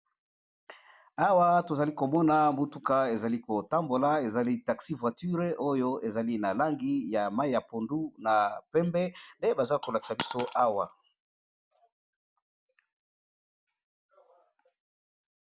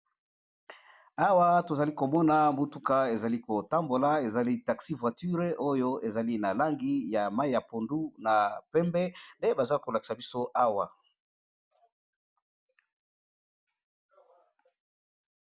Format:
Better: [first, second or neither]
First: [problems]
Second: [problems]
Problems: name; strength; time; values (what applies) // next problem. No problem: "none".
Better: second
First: background sound (Coin (dropping)); 11 dB below the speech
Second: none